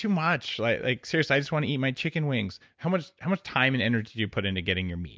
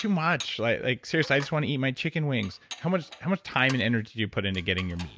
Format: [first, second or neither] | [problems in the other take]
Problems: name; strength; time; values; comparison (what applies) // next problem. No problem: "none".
first | background sound (Dishes, pots, and pans); 18 dB below the speech